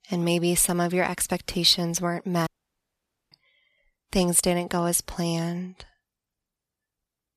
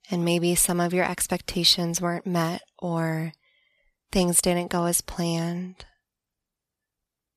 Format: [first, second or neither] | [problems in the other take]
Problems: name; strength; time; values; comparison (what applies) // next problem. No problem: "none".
second | audio cutting out; at 2.5 s for 1 s